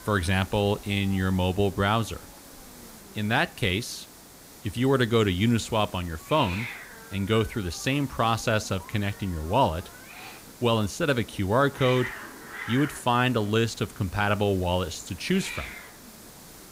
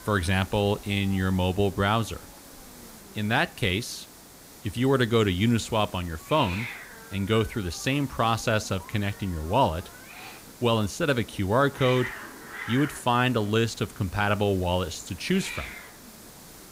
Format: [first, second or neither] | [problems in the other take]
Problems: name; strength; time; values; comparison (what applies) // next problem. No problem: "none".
neither | hiss; noticeable; throughout; 15 dB below the speech; the same in both